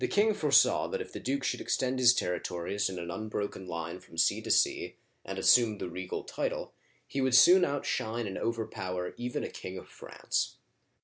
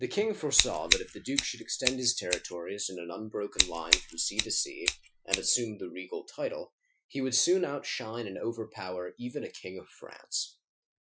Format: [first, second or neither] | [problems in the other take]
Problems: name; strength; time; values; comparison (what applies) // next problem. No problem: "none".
first | noise reduction (classical method Wiener filter)